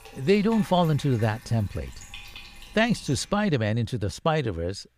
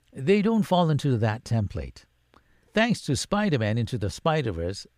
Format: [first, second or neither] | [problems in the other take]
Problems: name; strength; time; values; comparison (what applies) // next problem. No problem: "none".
second | household noises; noticeable; until 3.5 s; 20 dB below the speech